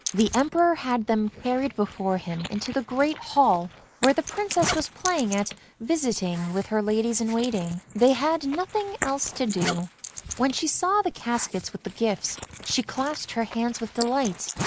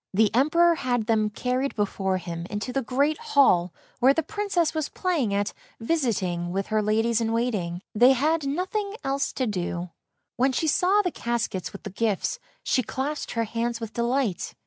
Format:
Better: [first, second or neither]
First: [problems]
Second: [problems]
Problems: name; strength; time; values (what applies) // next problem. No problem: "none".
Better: second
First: noise reduction (neural mask model Resemble Enhance denoiser)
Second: none